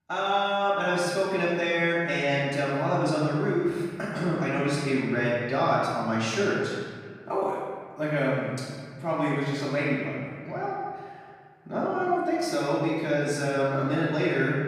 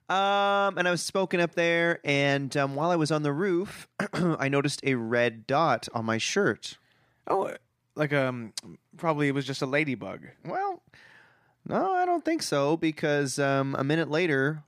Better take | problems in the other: second | off-mic speech; far // room echo; strong; dies away in 1.7 s

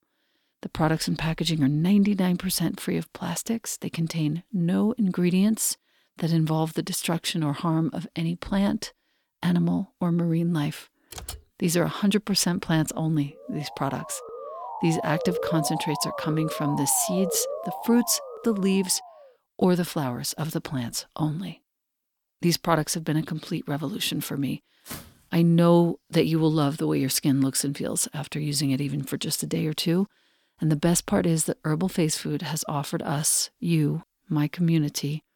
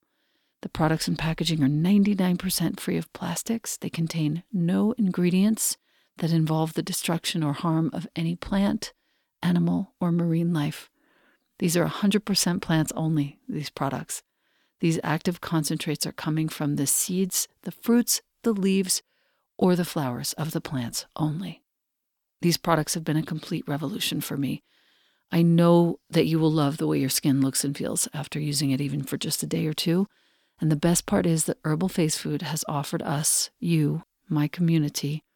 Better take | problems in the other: second | keyboard typing; faint; at 11 s; peak 10 dB below the speech // siren; noticeable; from 13 to 19 s; peak 4 dB below the speech // footsteps; faint; at 25 s; peak 15 dB below the speech

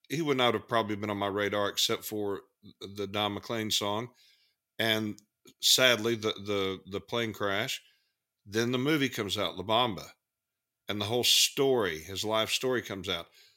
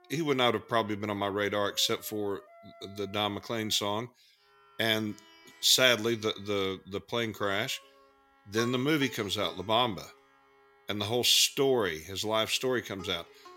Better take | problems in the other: first | background music; faint; throughout; 25 dB below the speech

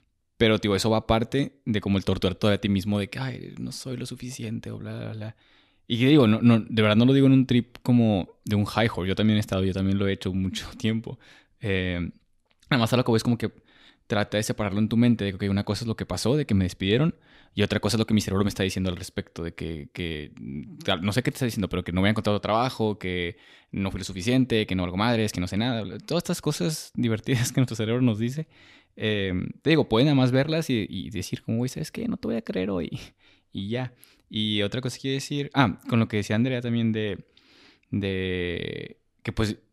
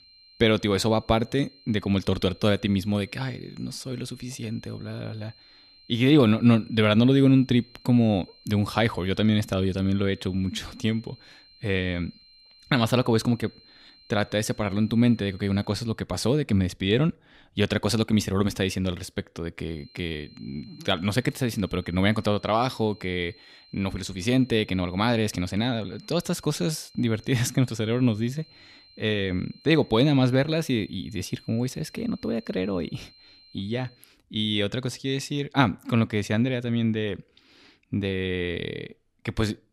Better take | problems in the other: first | high-pitched whine; faint; until 16 s and from 20 to 34 s; 4 kHz, 25 dB below the speech

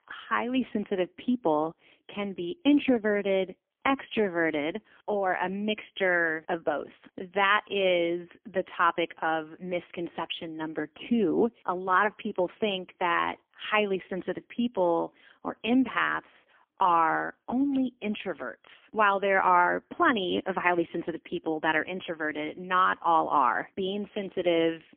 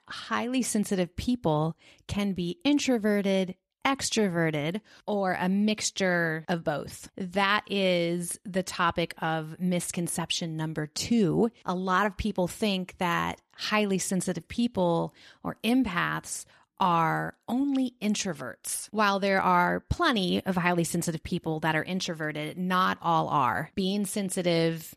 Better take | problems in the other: second | phone-call audio; poor line; nothing above 3.5 kHz

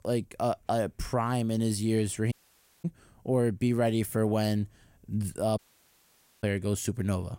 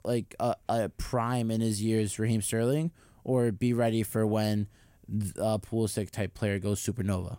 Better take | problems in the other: second | audio cutting out; at 2.5 s for 0.5 s and at 5.5 s for 1 s

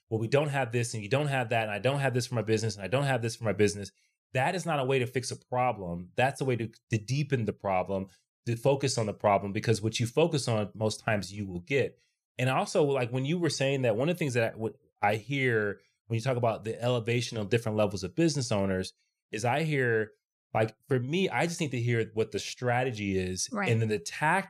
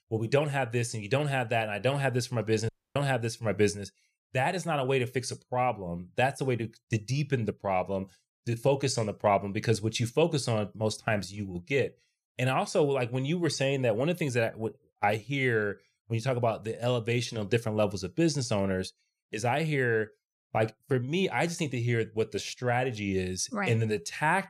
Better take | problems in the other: first | audio cutting out; at 2.5 s

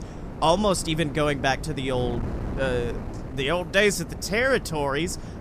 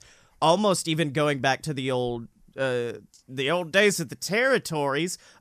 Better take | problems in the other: second | wind noise on the microphone; occasional gusts; 15 dB below the speech

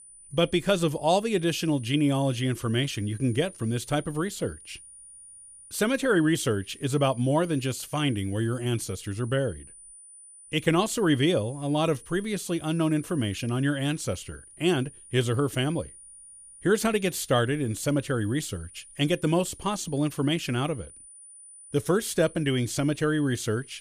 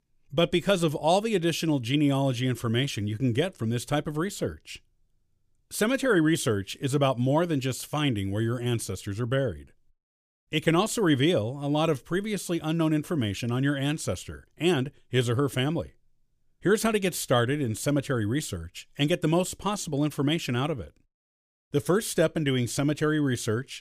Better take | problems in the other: second | high-pitched whine; noticeable; throughout; 9.5 kHz, 20 dB below the speech

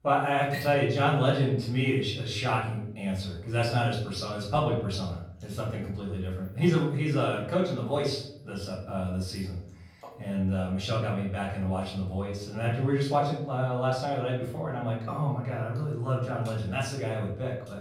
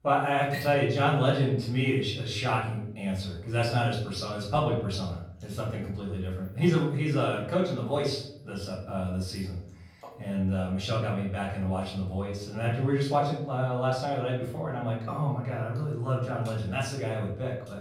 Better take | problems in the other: neither | off-mic speech; far; the same in both // room echo; noticeable; dies away in 0.6 s; the same in both

